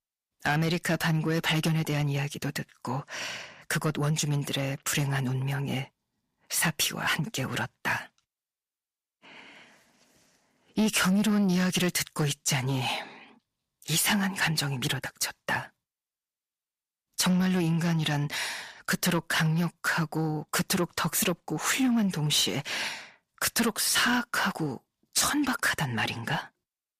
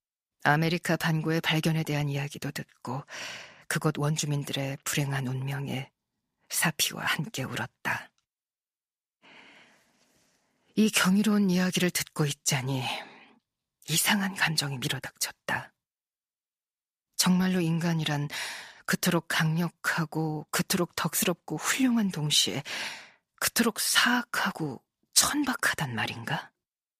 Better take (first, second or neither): second